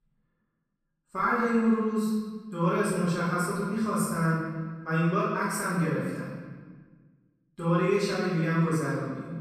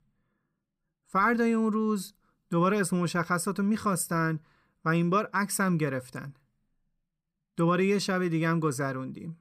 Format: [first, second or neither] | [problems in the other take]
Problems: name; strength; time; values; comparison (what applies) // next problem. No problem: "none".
second | room echo; strong; dies away in 1.3 s // off-mic speech; far